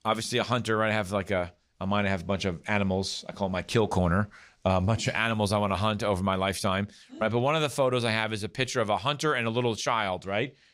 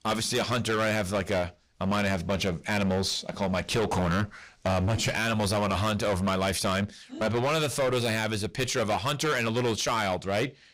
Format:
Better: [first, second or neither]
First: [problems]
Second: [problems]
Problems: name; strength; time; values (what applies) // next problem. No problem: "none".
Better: first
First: none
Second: distortion; heavy; 21% of the sound clipped